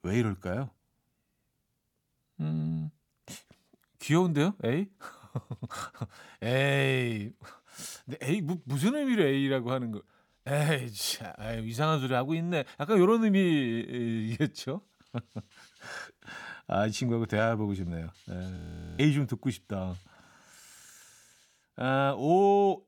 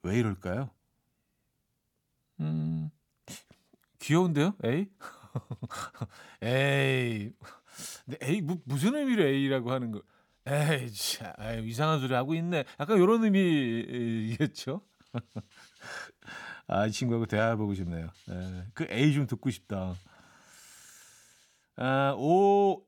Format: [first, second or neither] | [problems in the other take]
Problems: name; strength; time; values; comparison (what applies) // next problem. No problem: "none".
second | audio freezing; at 19 s